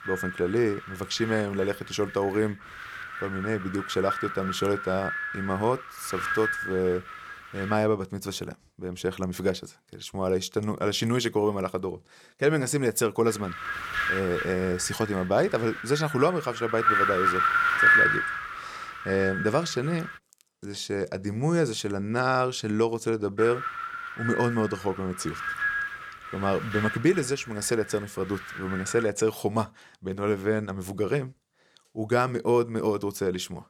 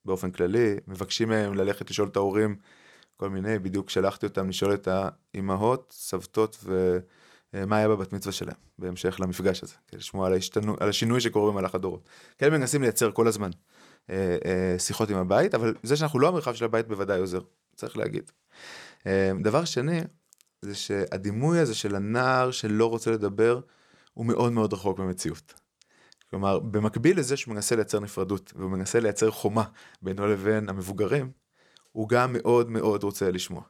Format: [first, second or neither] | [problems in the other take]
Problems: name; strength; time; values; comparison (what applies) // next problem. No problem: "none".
second | wind noise on the microphone; heavy; until 7.5 s, from 13 to 20 s and from 23 to 29 s; 2 dB above the speech